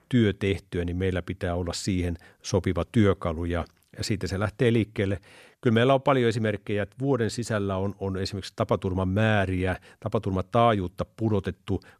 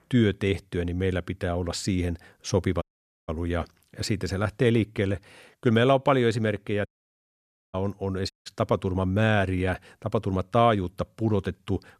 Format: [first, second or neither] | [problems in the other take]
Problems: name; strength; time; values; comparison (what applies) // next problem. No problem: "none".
first | audio cutting out; at 3 s, at 7 s for 1 s and at 8.5 s